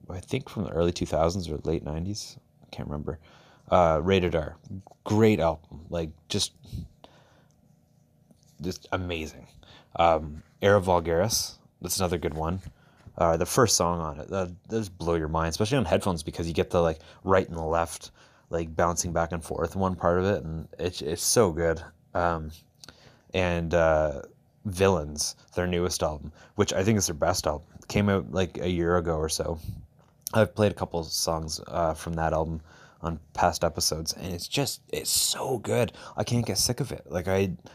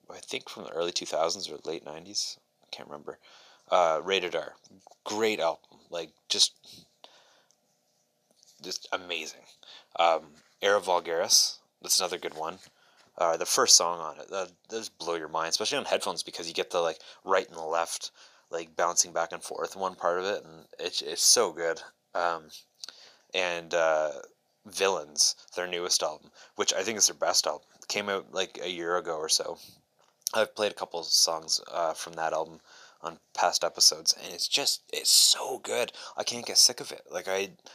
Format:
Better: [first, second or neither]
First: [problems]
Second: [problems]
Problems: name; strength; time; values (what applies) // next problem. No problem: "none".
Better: first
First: none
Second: thin; very; fading below 450 Hz